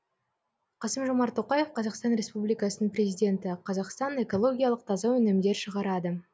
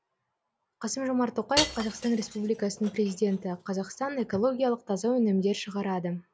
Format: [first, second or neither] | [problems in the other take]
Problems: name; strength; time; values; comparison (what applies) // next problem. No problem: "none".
first | background sound (Shatter / Crushing); 8 dB below the speech